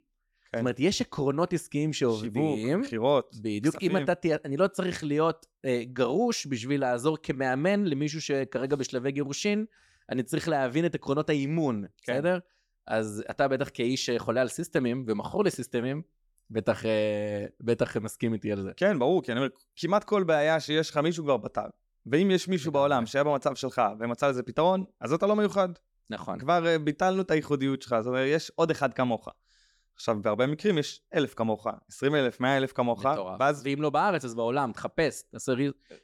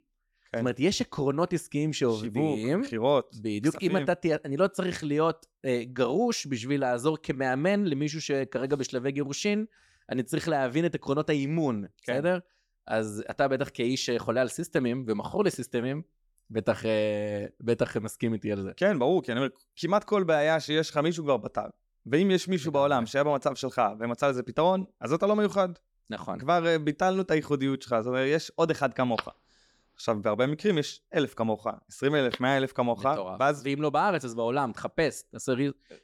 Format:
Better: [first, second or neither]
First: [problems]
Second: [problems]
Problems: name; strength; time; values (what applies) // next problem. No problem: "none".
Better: first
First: none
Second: phone ringing; noticeable; from 29 to 32 s; peak 9 dB below the speech